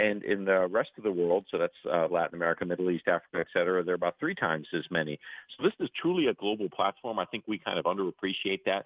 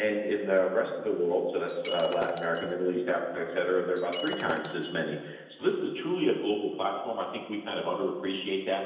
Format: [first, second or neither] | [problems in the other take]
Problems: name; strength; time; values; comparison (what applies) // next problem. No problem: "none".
first | background sound (Shatter); 11 dB below the speech // room echo; dies away in 1 s